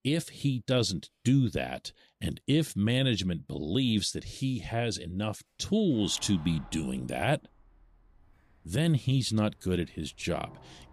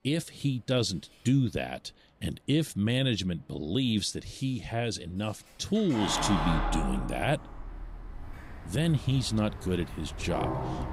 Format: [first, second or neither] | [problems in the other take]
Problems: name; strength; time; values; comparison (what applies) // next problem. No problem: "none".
first | household noises; loud; throughout; 6 dB below the speech; faint in the first